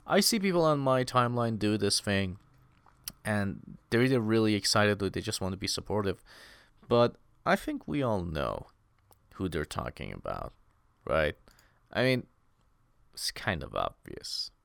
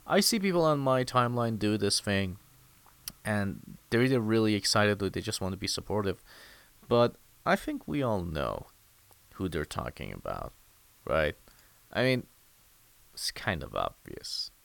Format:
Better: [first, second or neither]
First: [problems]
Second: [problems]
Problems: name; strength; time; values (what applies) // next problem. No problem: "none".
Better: first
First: none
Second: hiss; faint; throughout; 30 dB below the speech